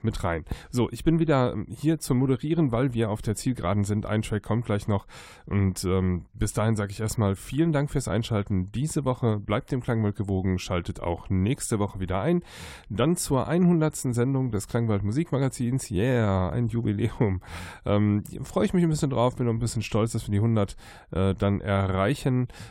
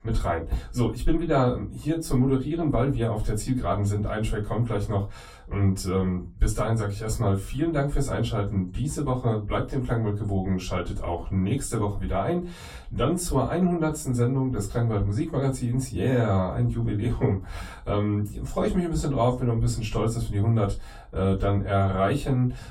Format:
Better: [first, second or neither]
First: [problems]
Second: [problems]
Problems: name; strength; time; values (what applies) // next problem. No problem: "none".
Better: first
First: none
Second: off-mic speech; far // room echo; very slight; dies away in 0.2 s